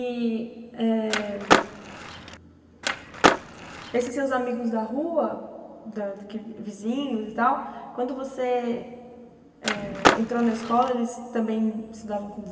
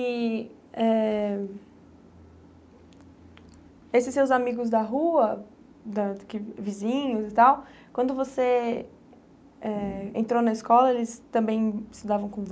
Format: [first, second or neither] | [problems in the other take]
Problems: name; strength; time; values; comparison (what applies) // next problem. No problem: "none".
second | background sound (Skateboard); 3 dB above the speech // room echo; dies away in 1.8 s